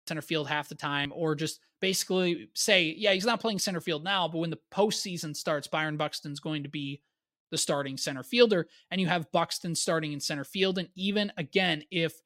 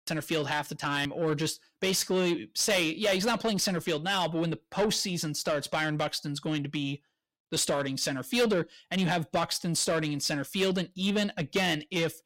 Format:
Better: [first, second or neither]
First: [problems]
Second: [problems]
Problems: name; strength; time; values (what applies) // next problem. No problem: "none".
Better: first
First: none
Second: distortion; heavy; 8 dB below the speech